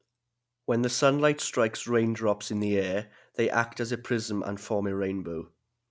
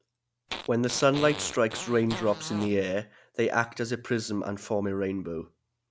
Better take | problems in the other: first | background sound (Fart); 11 dB below the speech

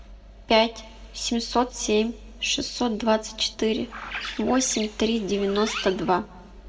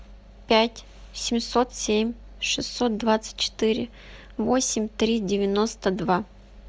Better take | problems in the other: second | background sound (Bird); 11 dB below the speech // room echo; dies away in 0.7 s

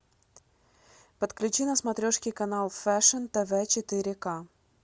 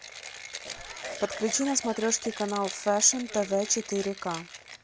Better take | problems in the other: first | background sound (Cough + Mechanisms); 11 dB below the speech

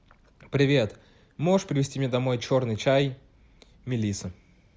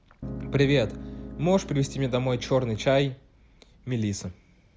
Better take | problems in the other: first | background sound (Piano); 11 dB below the speech

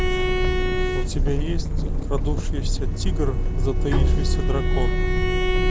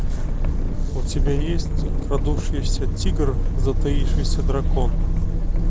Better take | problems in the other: second | background sound (Bowed string instrument + Bowed string instrument); 7 dB below the speech

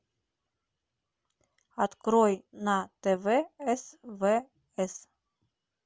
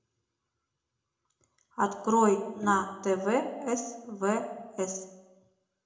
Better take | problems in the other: first | background sound (Bowed string instrument); 19 dB below the speech // room echo; dies away in 0.6 s

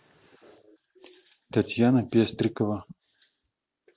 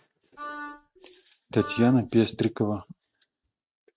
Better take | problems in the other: first | noise reduction (neural mask model RNNoise)

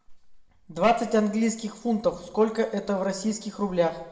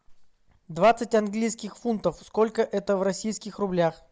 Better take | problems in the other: second | room echo; dies away in 0.8 s

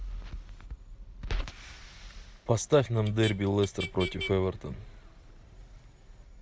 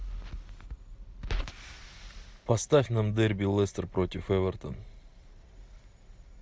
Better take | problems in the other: second | background sound (Motor vehicle (road)); 13 dB below the speech

